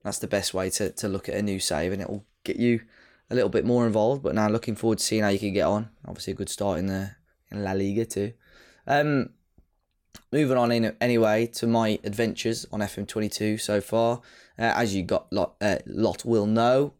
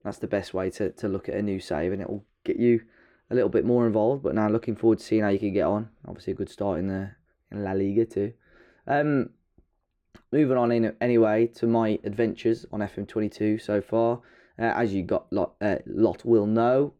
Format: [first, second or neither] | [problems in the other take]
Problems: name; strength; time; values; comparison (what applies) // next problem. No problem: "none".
first | muffled; slightly; fading above 4 kHz